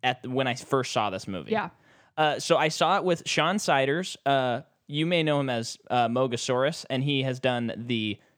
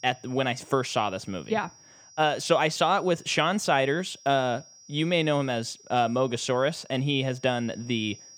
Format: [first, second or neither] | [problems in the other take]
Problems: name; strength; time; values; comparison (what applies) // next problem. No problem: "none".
first | high-pitched whine; faint; throughout; 5.5 kHz, 25 dB below the speech